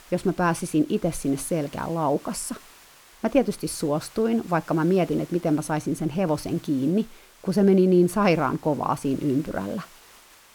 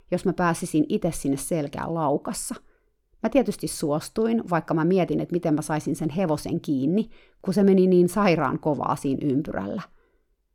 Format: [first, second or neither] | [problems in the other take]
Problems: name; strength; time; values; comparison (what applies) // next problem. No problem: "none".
second | hiss; faint; throughout; 25 dB below the speech